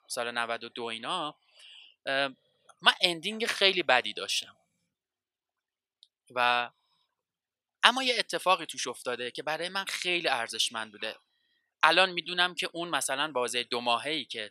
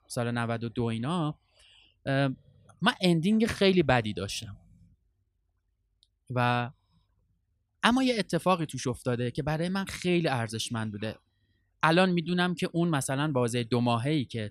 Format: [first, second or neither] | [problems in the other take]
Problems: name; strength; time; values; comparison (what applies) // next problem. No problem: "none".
second | thin; very; fading below 600 Hz